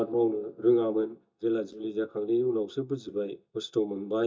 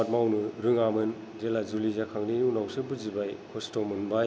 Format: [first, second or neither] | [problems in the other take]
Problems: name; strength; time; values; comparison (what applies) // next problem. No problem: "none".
second | noise reduction (neural mask model DeepFilterNet 3)